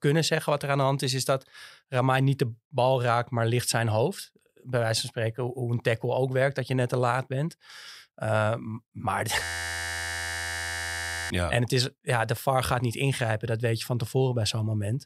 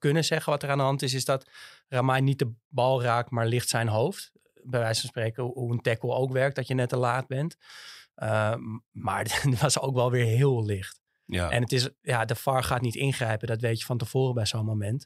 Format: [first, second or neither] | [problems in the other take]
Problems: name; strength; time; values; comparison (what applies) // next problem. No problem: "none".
second | audio freezing; at 9.5 s for 2 s